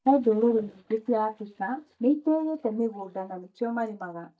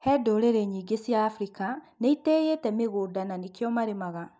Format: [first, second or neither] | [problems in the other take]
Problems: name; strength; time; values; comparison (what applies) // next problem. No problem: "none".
second | noise reduction (neural mask model DeepFilterNet 3)